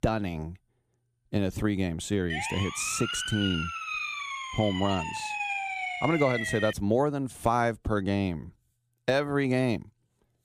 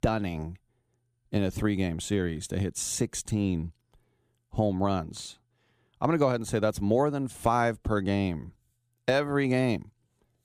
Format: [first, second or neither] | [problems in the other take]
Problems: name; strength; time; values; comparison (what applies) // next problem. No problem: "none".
second | siren; noticeable; from 2.5 to 6.5 s; peak 1 dB below the speech